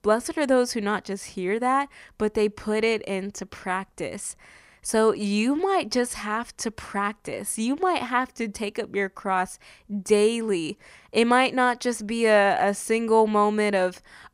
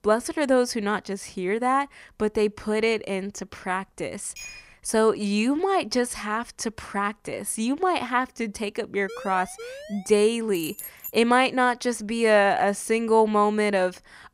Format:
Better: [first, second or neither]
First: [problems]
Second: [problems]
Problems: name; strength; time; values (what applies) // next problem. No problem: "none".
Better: first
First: none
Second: clattering dishes; faint; at 4.5 s; peak 15 dB below the speech // siren; faint; from 9 to 10 s; peak 15 dB below the speech // jangling keys; faint; at 11 s; peak 10 dB below the speech